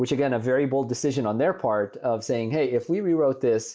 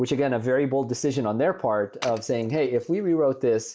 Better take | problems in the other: first | noise reduction (neural mask model Resemble Enhance denoiser)

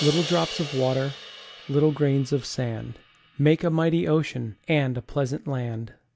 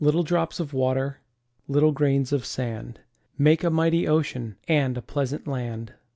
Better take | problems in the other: second | background sound (Crash cymbal); 15 dB below the speech

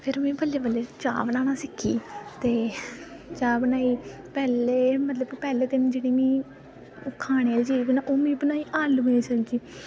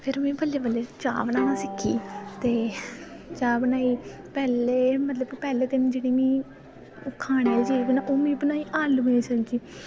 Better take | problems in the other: first | background sound (Bowed string instrument); 14 dB below the speech

